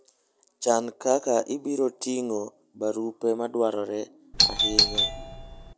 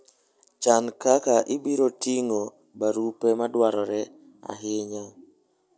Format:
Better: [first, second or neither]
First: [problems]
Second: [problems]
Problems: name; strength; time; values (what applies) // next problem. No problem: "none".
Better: second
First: background sound (Doorbell); 4 dB above the speech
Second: none